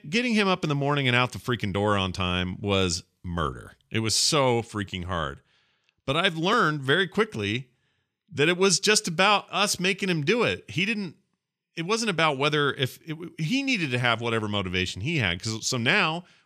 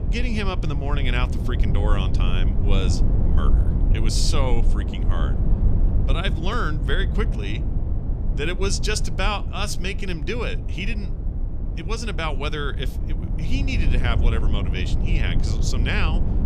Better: first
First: none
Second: low rumble; loud; throughout; 9 dB below the speech

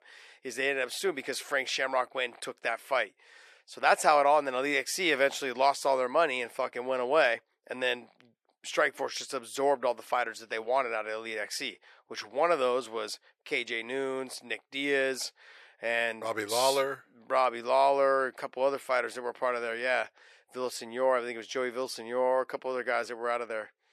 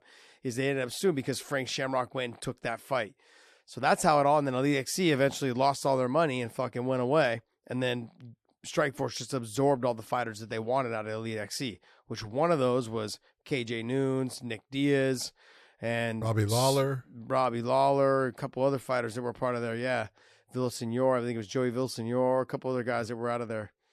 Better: second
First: thin; somewhat; fading below 500 Hz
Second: none

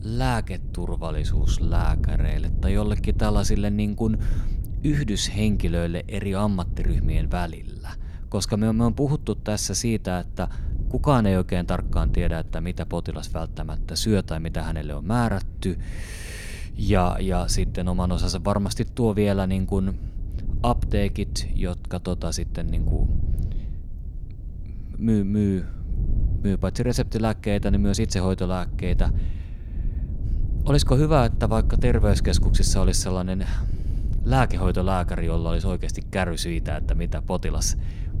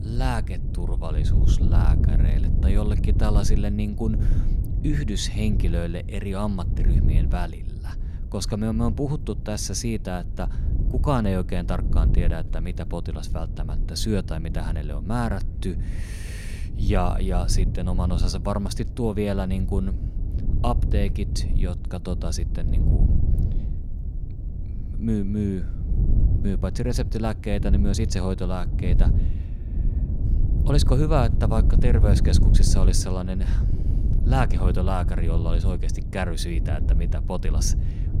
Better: first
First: wind noise on the microphone; occasional gusts; 15 dB below the speech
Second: wind noise on the microphone; heavy; 9 dB below the speech

